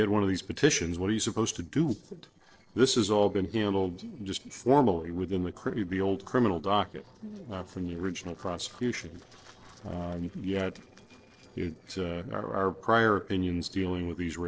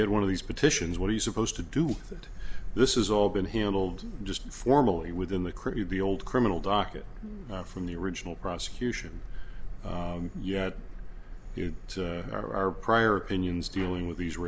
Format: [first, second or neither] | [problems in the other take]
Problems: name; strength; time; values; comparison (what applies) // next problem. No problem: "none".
second | noise reduction (neural separator model SepFormer DNS4)